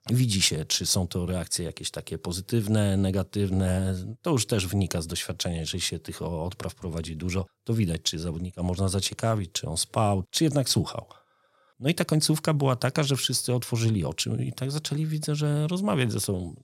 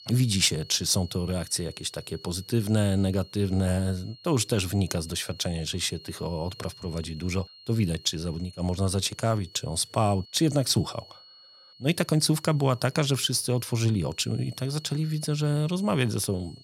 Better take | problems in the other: first | high-pitched whine; faint; throughout; 4.5 kHz, 20 dB below the speech

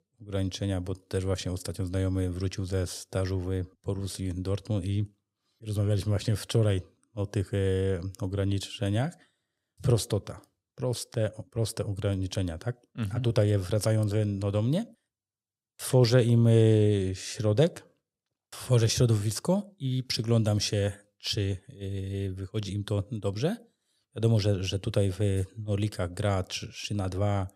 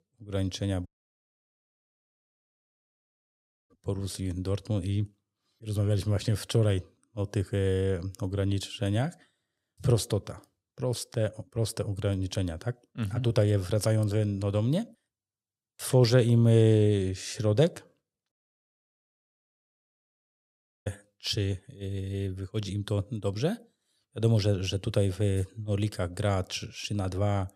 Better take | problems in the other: first | audio cutting out; at 1 s for 3 s and at 18 s for 2.5 s

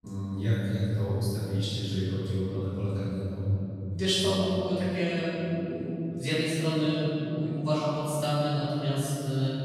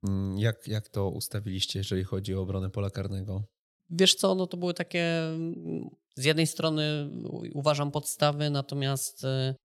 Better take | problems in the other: second | room echo; strong; dies away in 3 s // off-mic speech; far

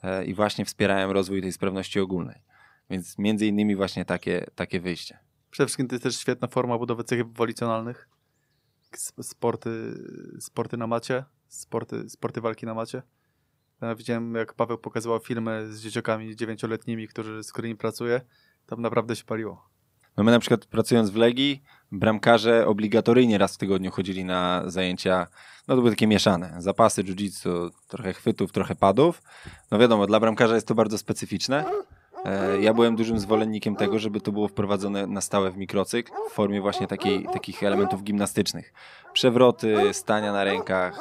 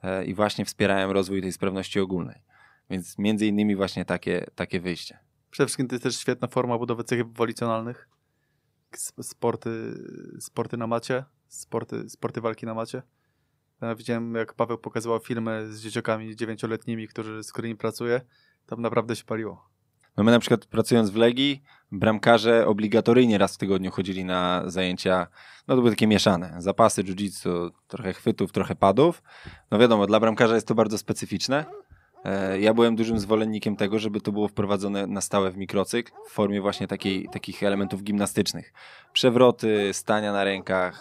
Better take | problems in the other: second | animal sounds; loud; throughout; 7 dB below the speech; faint in the second

